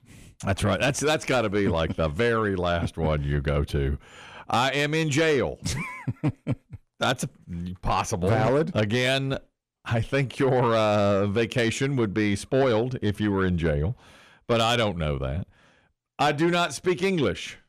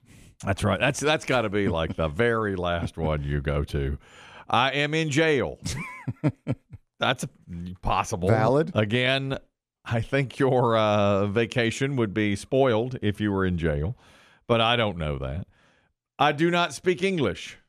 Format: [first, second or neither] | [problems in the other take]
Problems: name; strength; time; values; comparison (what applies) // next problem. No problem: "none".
second | distortion; slight; 10 dB below the speech